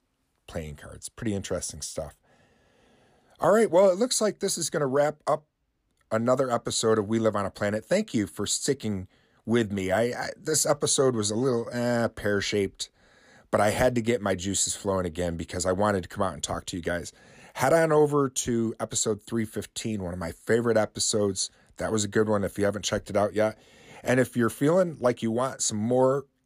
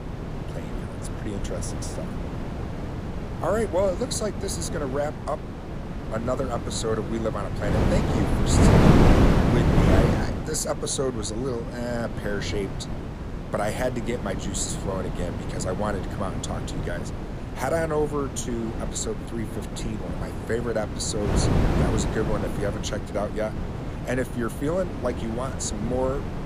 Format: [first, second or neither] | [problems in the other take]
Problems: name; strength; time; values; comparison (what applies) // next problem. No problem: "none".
first | wind noise on the microphone; heavy; 2 dB below the speech